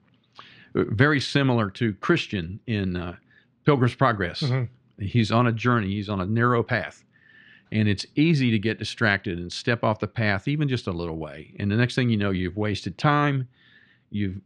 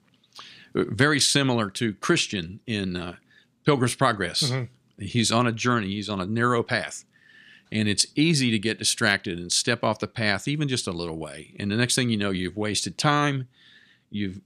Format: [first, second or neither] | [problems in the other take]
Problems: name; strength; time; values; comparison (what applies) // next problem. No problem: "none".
second | muffled; slightly; fading above 2.5 kHz